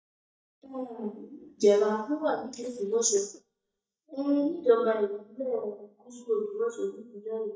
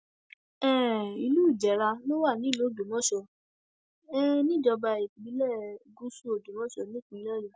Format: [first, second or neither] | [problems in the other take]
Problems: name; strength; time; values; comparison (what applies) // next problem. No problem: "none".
second | noise reduction (neural mask model DeepFilterNet 3)